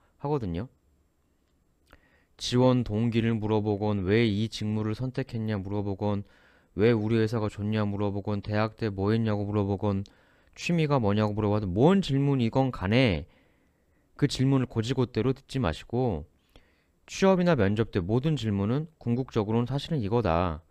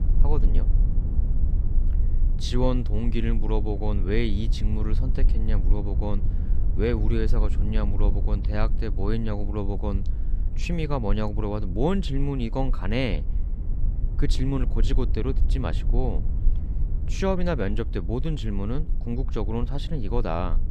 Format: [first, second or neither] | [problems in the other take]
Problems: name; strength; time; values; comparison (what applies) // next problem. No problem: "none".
first | low rumble; noticeable; throughout; 15 dB below the speech